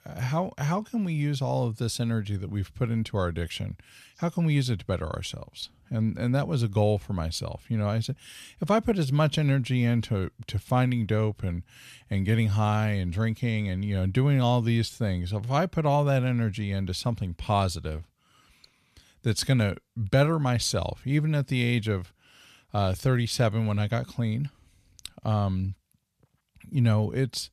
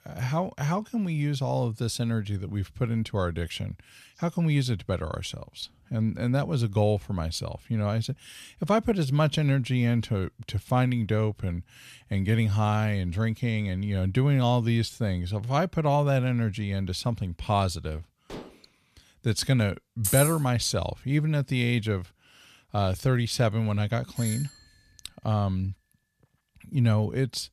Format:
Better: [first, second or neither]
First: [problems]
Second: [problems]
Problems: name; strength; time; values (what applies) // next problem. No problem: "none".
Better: first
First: none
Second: clattering dishes; faint; at 18 s; peak 15 dB below the speech // jangling keys; loud; at 20 s; peak 1 dB above the speech // doorbell; noticeable; at 24 s; peak 9 dB below the speech